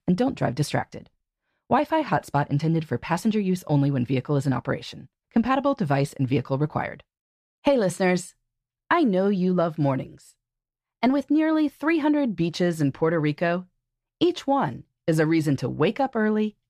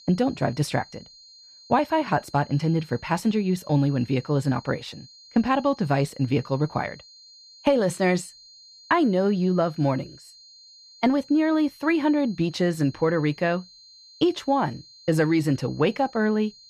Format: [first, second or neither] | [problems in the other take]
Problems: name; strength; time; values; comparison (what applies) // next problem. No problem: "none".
first | high-pitched whine; faint; throughout; 4 kHz, 25 dB below the speech